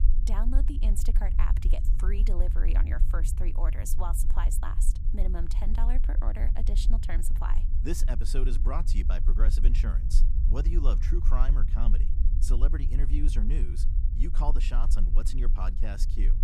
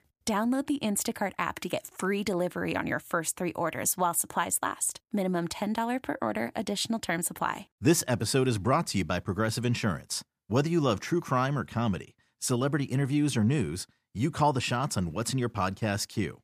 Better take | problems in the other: second | low rumble; loud; throughout; 9 dB below the speech

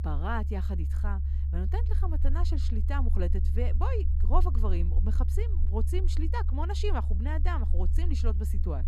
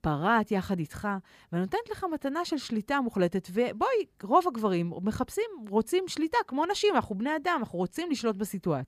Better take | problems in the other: second | low rumble; loud; throughout; 10 dB below the speech

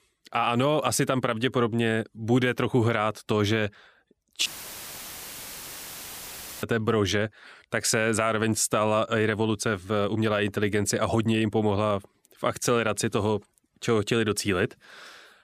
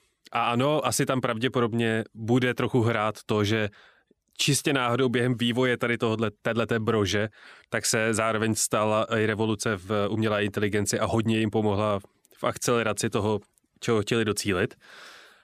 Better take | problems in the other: second | audio cutting out; filled with static; at 4.5 s for 2 s

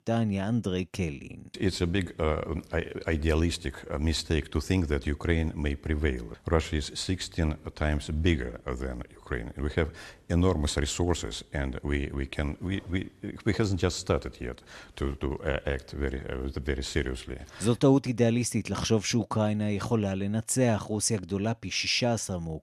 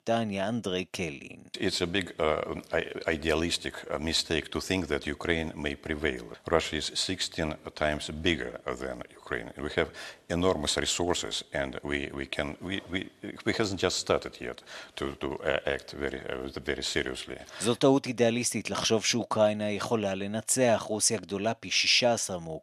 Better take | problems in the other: first | thin; somewhat; fading below 450 Hz

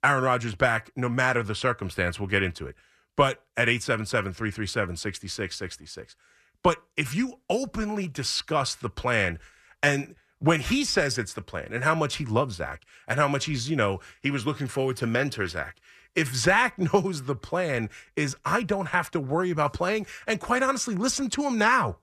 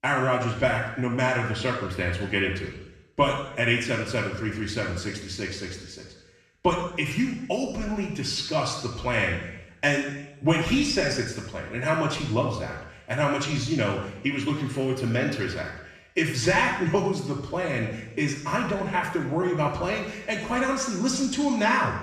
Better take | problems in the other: first | room echo; noticeable; dies away in 0.9 s // off-mic speech; far

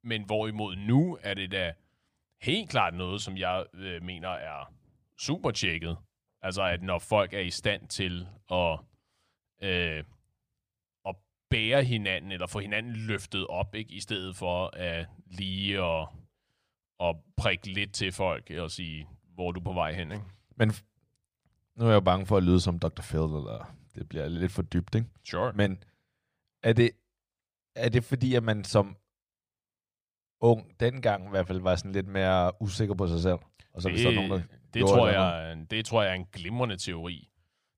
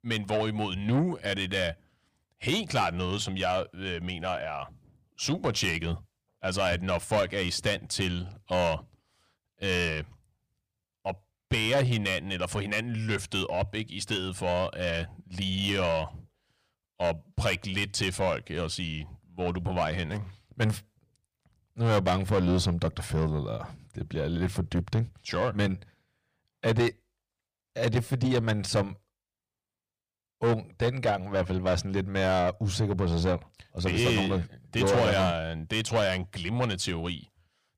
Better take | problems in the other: first | distortion; heavy; 8 dB below the speech

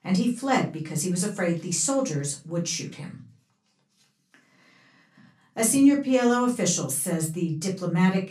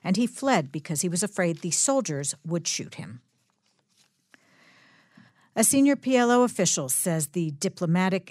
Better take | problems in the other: second | off-mic speech; far // room echo; very slight; dies away in 0.2 s

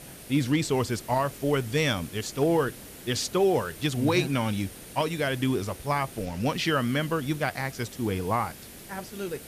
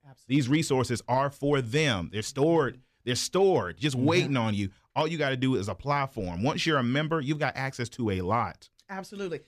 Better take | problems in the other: second | hiss; noticeable; throughout; 15 dB below the speech

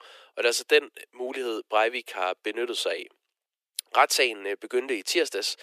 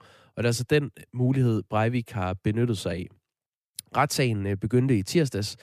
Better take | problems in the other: second | thin; very; fading below 400 Hz

